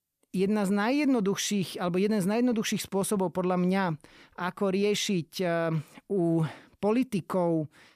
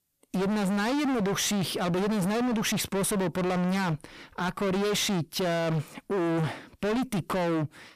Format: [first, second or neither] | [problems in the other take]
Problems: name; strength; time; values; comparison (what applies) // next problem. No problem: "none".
first | distortion; heavy; 42% of the sound clipped